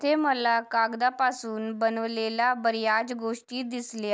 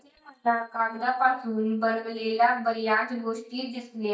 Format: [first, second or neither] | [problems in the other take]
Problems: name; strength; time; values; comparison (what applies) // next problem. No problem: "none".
first | noise reduction (neural mask model DeepFilterNet 3)